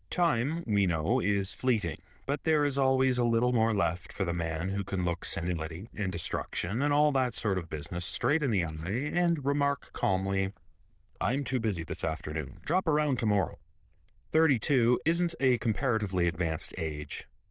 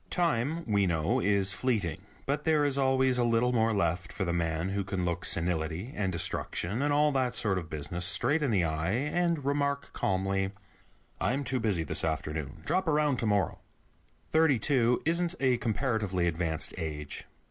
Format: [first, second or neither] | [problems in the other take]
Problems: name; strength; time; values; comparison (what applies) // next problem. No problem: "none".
second | noise reduction (neural diffusion model UNIVERSE++)